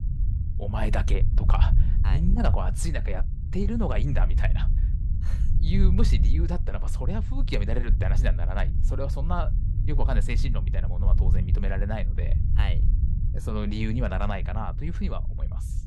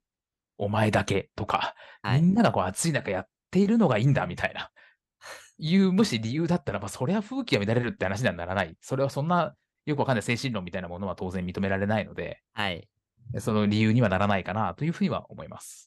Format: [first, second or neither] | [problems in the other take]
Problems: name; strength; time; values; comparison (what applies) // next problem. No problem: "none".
second | low rumble; loud; throughout; 9 dB below the speech